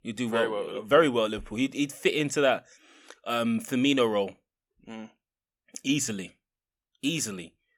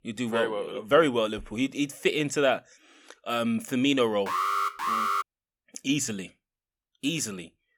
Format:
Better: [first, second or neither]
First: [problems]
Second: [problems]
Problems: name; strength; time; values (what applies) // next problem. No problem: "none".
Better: first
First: none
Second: alarm; loud; at 4.5 s; peak 1 dB above the speech